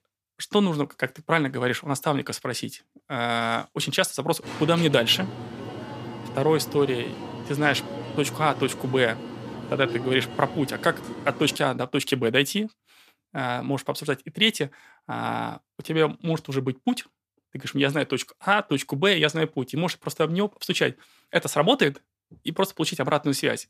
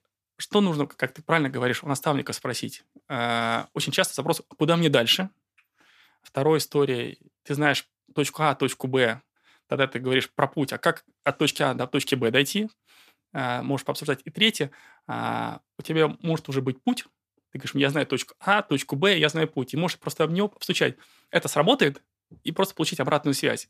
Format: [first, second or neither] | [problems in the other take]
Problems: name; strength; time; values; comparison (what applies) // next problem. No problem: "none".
second | alarm; noticeable; from 4.5 to 12 s; peak 8 dB below the speech